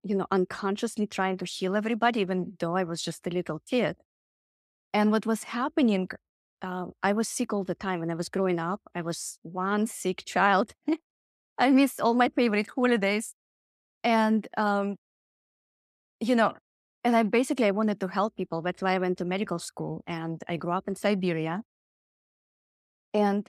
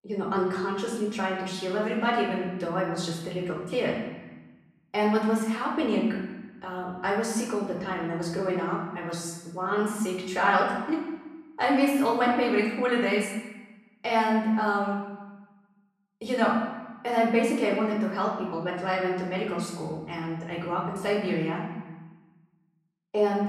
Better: first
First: none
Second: off-mic speech; far // room echo; noticeable; dies away in 1.1 s

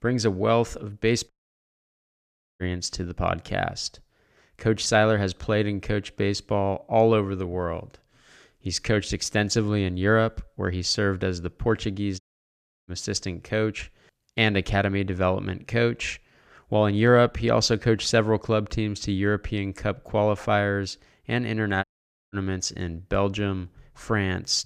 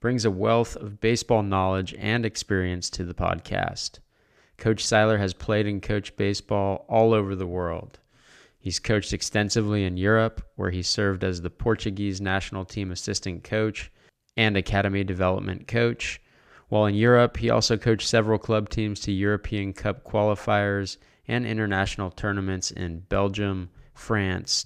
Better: second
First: audio cutting out; at 1.5 s for 1.5 s, at 12 s for 0.5 s and at 22 s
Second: none

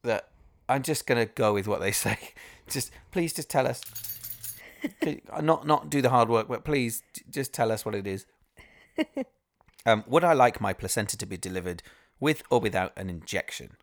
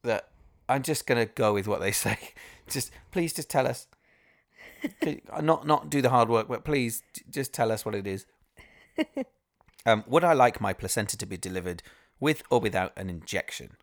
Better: second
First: jangling keys; noticeable; at 4 s; peak 7 dB below the speech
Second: none

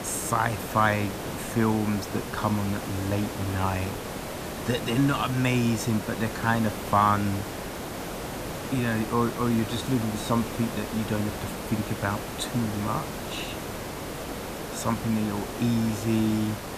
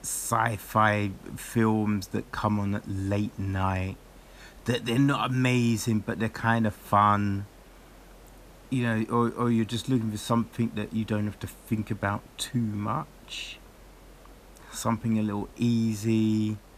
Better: second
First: hiss; loud; throughout; 7 dB below the speech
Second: hiss; faint; throughout; 25 dB below the speech

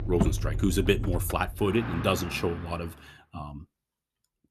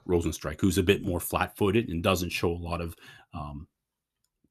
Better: second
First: traffic noise; very faint; until 2.5 s; 5 dB below the speech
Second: none

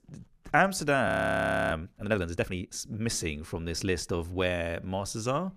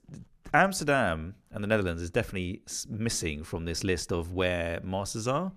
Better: second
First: audio freezing; at 1 s for 0.5 s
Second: none

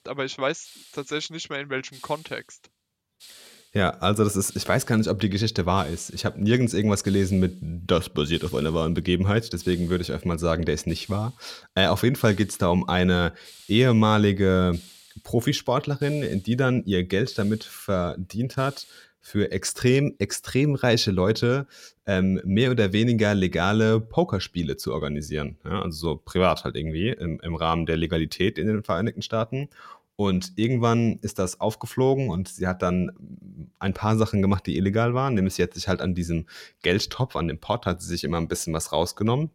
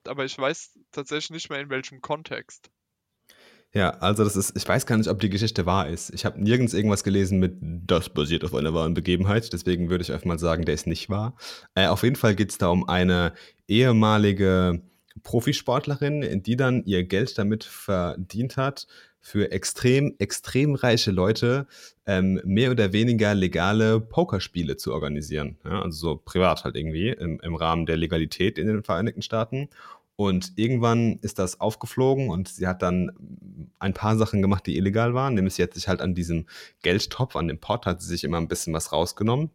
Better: second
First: hiss; faint; until 19 s; 25 dB below the speech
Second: none

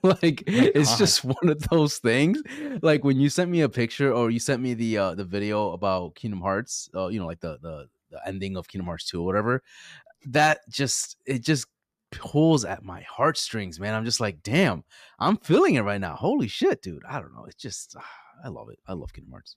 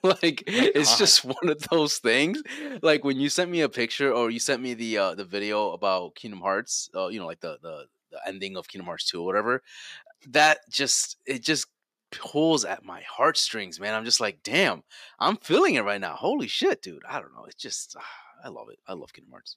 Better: first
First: none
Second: thin; very slightly; fading below 300 Hz

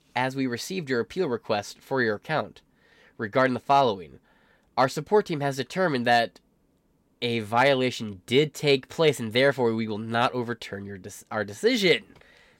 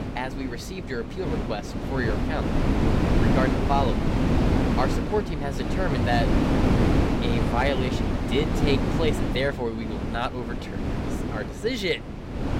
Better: first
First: none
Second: wind noise on the microphone; heavy; 1 dB below the speech

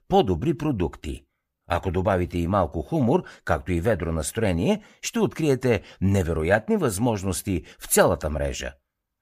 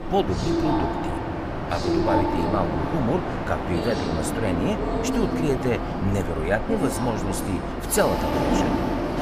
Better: first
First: none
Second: train or aircraft noise; very loud; throughout; 1 dB above the speech

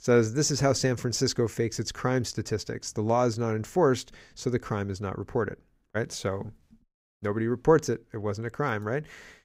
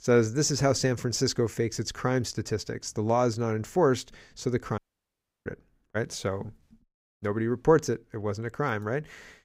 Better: first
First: none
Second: audio cutting out; at 5 s for 0.5 s

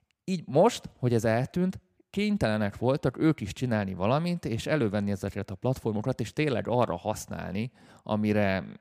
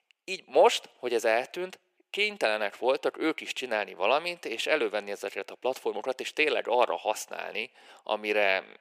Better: first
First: none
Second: thin; very; fading below 400 Hz

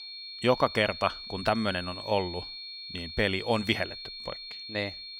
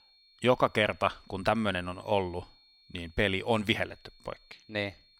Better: second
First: high-pitched whine; loud; throughout; 4.5 kHz, 9 dB below the speech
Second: high-pitched whine; faint; throughout; 4.5 kHz, 30 dB below the speech

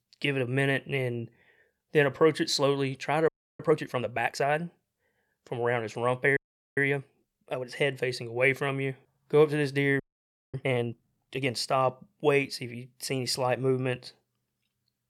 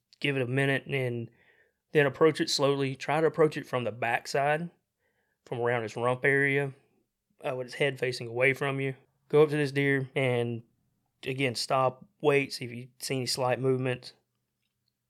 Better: second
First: audio freezing; at 3.5 s, at 6.5 s and at 10 s for 0.5 s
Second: none

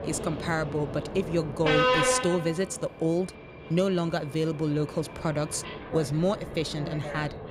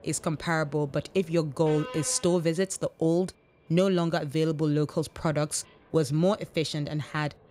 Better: second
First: train or aircraft noise; loud; throughout; 3 dB below the speech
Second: train or aircraft noise; faint; throughout; 20 dB below the speech

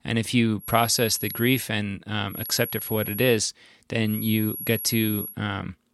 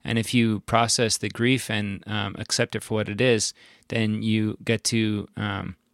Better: second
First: high-pitched whine; loud; at 0.5 s, at 2.5 s and from 4 to 5.5 s; 11.5 kHz, 8 dB below the speech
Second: none

